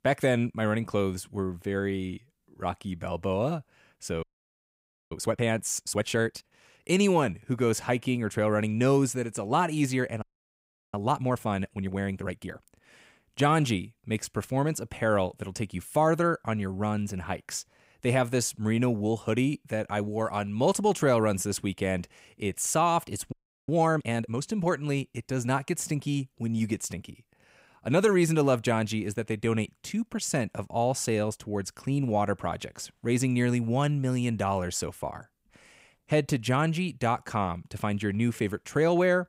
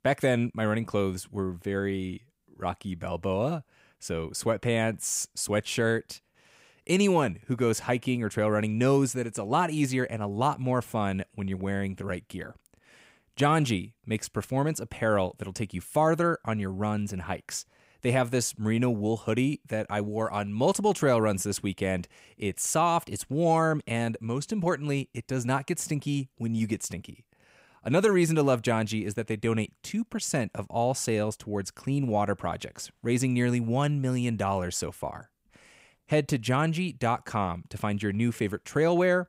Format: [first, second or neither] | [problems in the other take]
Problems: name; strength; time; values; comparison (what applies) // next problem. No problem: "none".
second | audio freezing; at 4 s for 1 s, at 10 s for 0.5 s and at 23 s